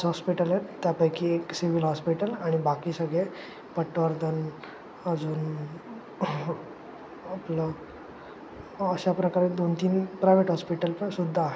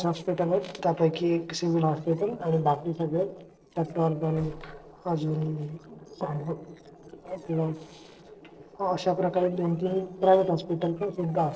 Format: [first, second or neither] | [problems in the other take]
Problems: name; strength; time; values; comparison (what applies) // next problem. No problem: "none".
first | noise reduction (neural separator model SepFormer DNS4)